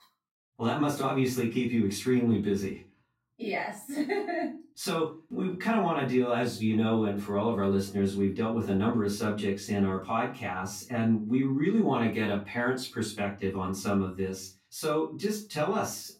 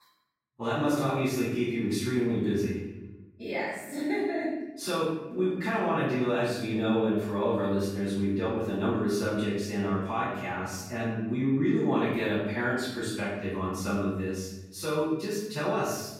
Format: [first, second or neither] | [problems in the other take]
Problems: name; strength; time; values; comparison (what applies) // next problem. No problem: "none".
first | room echo; strong; dies away in 1.1 s; slight in the first // off-mic speech; far; far in the first